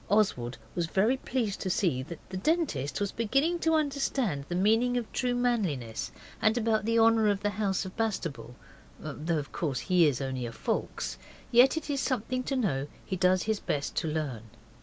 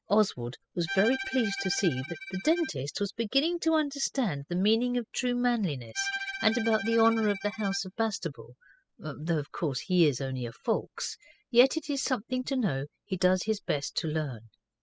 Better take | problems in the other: first | noise reduction (classical method spectral subtraction)

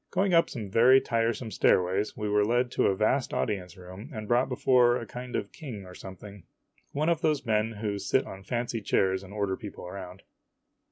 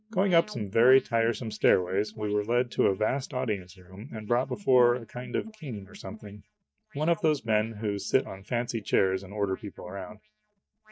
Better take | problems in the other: first | noise reduction (neural mask model DeepFilterNet 3)

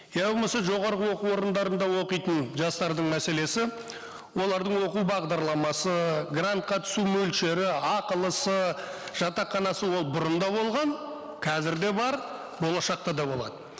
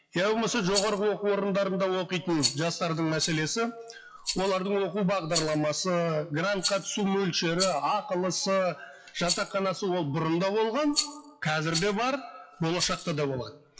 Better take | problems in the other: first | noise reduction (classical method WPE with log-MMSE)

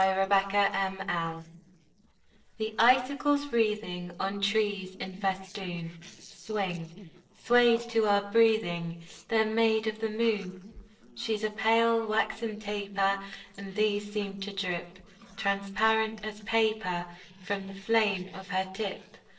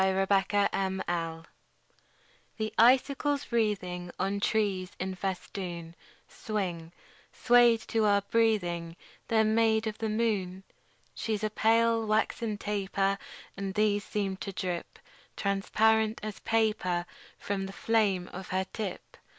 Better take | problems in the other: second | noise reduction (neural separator model SepFormer DNS4)

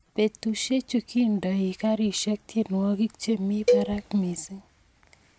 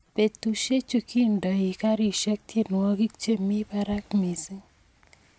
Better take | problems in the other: second | background sound (Cowbell); 2 dB below the speech

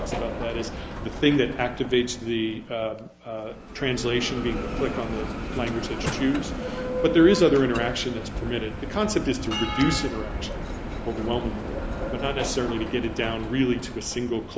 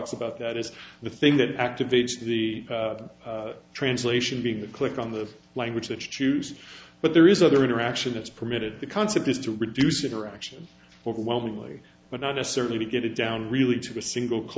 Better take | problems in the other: second | background sound (Bell); 6 dB below the speech

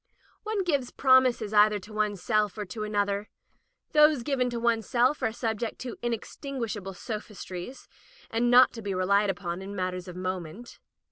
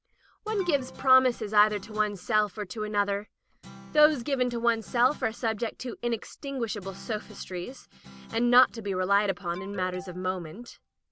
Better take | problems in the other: first | background sound (Alarm + Guitar); 20 dB below the speech

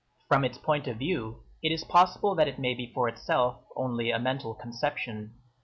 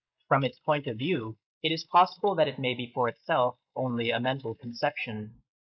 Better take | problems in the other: first | noise reduction (neural mask model Resemble Enhance denoiser)

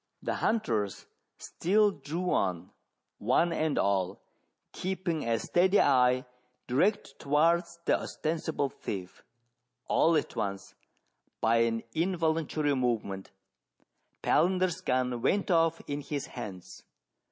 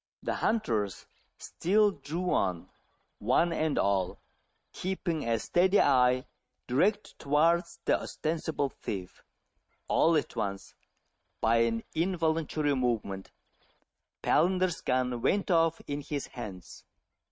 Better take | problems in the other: first | noise reduction (neural mask model RNNoise)

